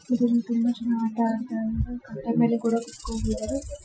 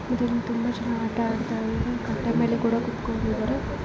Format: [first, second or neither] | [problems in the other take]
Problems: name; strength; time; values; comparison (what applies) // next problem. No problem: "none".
second | noise reduction (classical method Wiener filter)